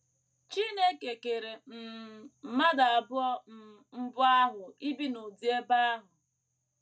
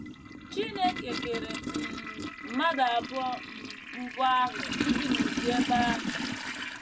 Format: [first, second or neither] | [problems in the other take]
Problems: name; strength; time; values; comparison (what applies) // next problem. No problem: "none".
first | background sound (Toilet flush); 1 dB below the speech